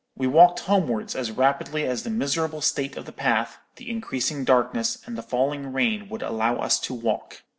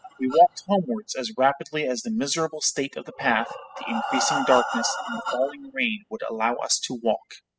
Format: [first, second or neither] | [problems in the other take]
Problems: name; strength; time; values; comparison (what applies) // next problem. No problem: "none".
first | noise reduction (classical method spectral subtraction)